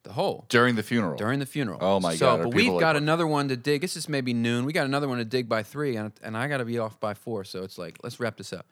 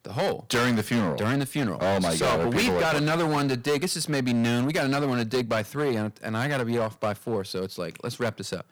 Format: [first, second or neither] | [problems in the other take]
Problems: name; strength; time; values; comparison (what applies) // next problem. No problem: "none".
first | distortion; heavy; 17% of the sound clipped